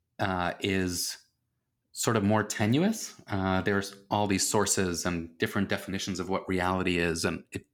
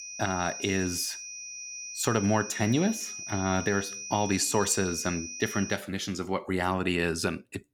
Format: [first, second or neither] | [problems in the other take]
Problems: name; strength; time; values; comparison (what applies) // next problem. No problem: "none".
first | high-pitched whine; loud; until 6 s; 6 kHz, 8 dB below the speech